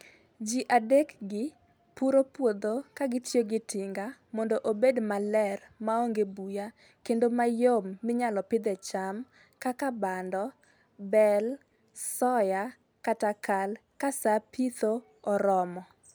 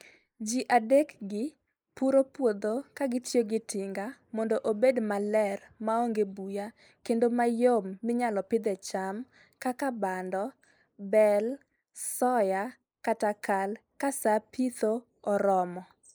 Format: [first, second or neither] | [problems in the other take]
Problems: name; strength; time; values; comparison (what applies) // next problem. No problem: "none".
first | noise reduction (neural mask model Resemble Enhance denoiser)